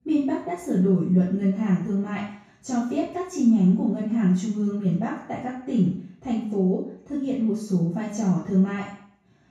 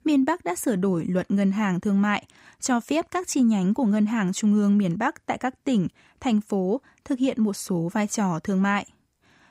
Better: second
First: room echo; noticeable; dies away in 0.6 s // off-mic speech; far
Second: none

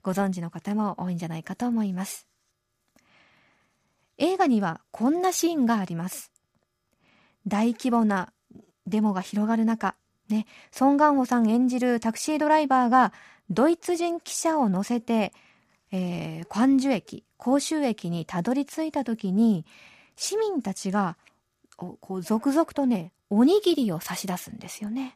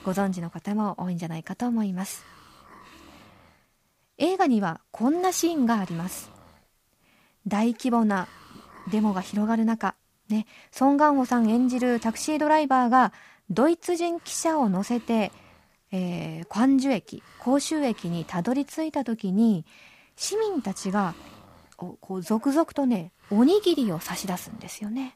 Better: first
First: none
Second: hiss; faint; throughout; 25 dB below the speech

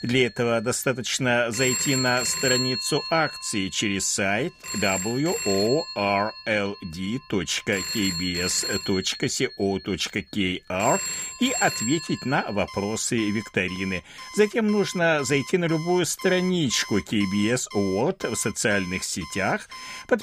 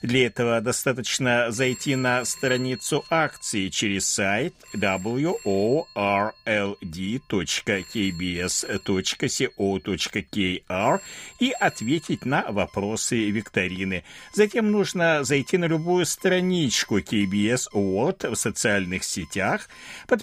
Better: second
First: alarms or sirens; loud; throughout; 6 dB below the speech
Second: alarms or sirens; faint; throughout; 20 dB below the speech

